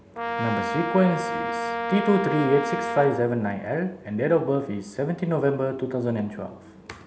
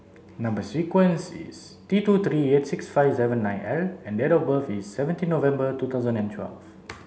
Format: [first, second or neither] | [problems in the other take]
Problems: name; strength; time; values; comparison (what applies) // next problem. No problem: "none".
second | background sound (Brass instrument); 4 dB below the speech